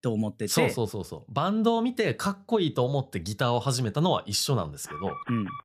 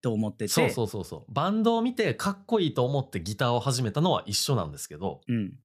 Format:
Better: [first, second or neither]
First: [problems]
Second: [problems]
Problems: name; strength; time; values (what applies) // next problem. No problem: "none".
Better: second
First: alarm; faint; at 5 s; peak 10 dB below the speech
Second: none